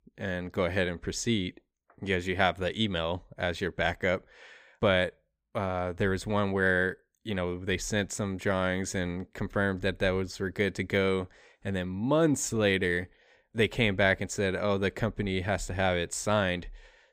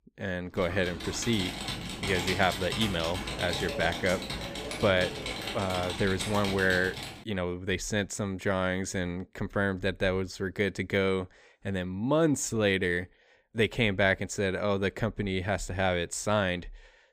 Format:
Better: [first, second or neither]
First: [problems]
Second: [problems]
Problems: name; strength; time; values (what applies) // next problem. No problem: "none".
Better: first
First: none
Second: keyboard typing; noticeable; from 0.5 to 7 s; peak 2 dB below the speech